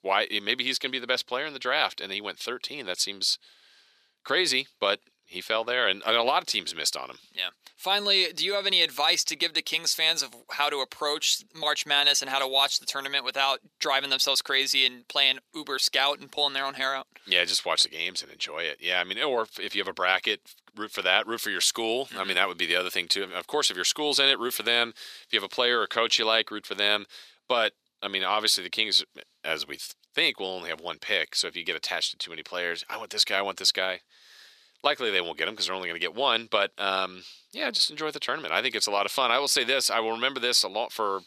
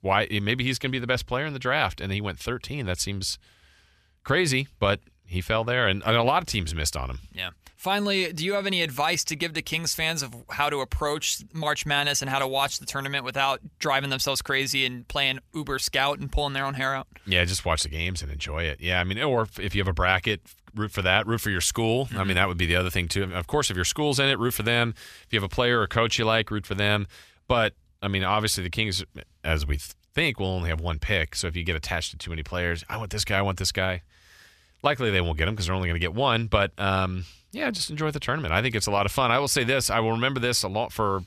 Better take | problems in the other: second | thin; somewhat; fading below 300 Hz

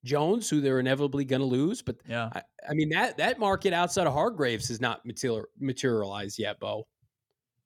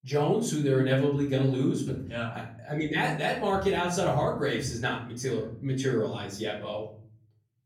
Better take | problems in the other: first | room echo; slight; dies away in 0.7 s // off-mic speech; far

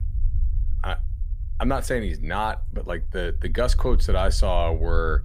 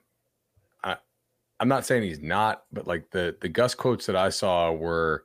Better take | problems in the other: second | low rumble; faint; throughout; 20 dB below the speech

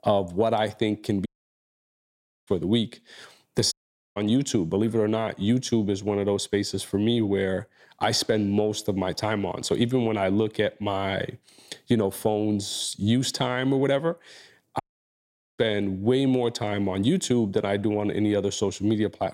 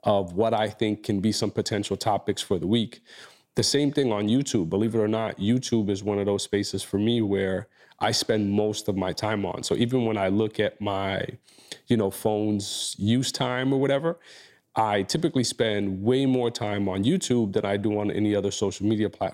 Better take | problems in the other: second | audio cutting out; at 1.5 s for 1 s, at 3.5 s and at 15 s for 1 s

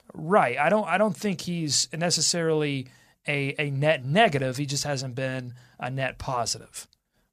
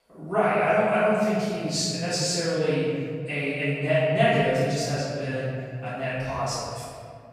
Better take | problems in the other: first | off-mic speech; far // room echo; strong; dies away in 2.1 s

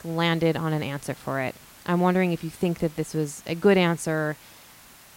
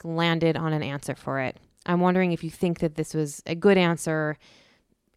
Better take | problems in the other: second | hiss; faint; throughout; 20 dB below the speech

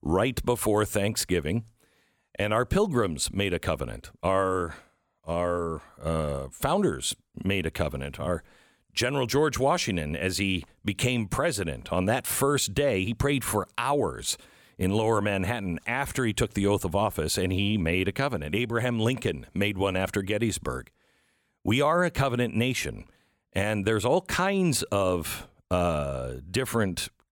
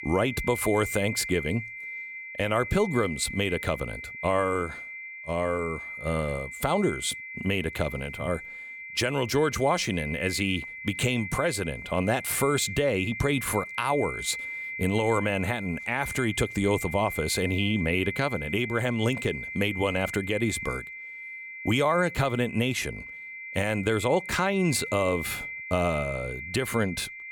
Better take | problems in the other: first | high-pitched whine; loud; throughout; 2 kHz, 8 dB below the speech

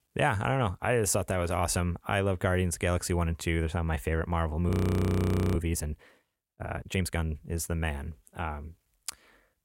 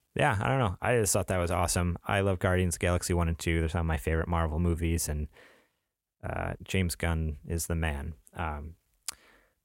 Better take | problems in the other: second | audio freezing; at 4.5 s for 1 s

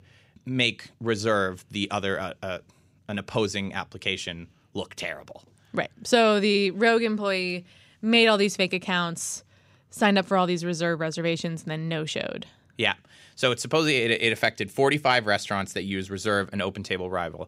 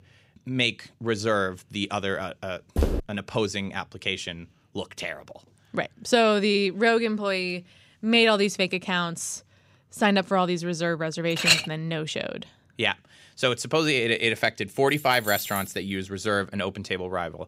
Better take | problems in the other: first | footsteps; noticeable; at 3 s; peak 2 dB below the speech // clattering dishes; loud; at 11 s; peak 6 dB above the speech // jangling keys; noticeable; at 15 s; peak 6 dB below the speech

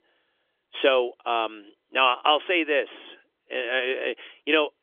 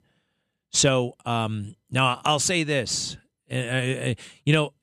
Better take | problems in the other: second | phone-call audio; nothing above 3.5 kHz

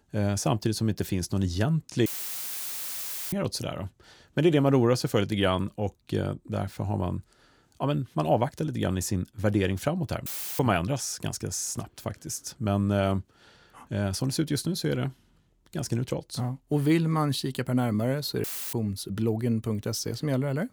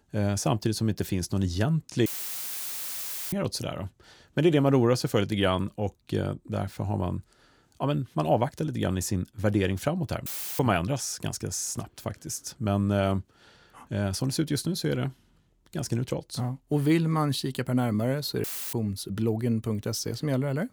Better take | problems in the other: neither | audio cutting out; filled with static; at 2 s for 1.5 s, at 10 s and at 18 s; the same in both

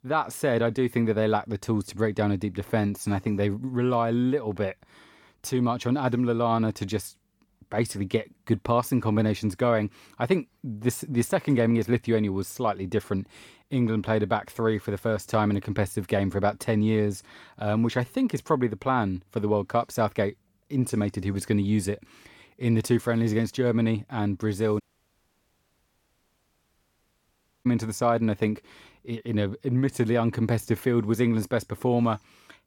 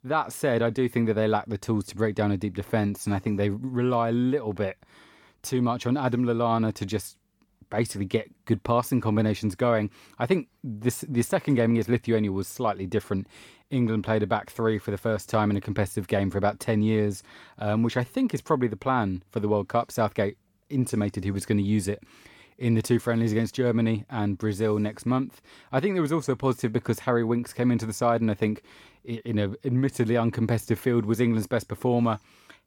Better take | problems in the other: second | audio cutting out; at 25 s for 3 s

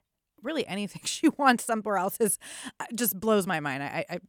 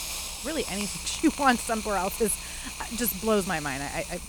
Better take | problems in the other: first | hiss; loud; throughout; 7 dB below the speech

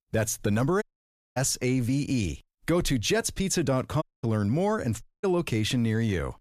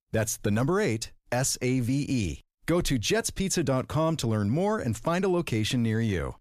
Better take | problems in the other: second | audio cutting out; at 1 s for 0.5 s, at 4 s and at 5 s

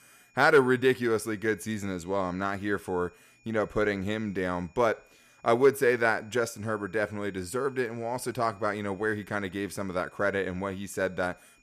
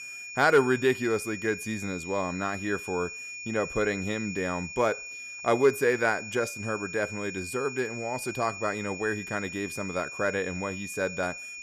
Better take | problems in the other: first | high-pitched whine; loud; throughout; 2.5 kHz, 8 dB below the speech; faint in the first

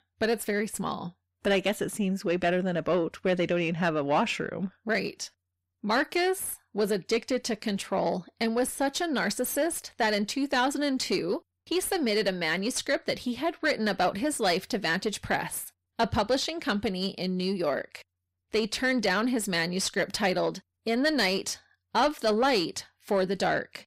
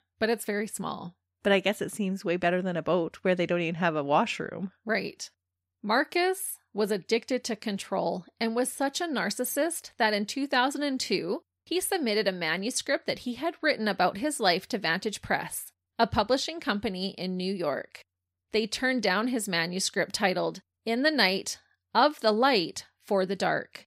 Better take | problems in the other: second | distortion; slight; 10 dB below the speech

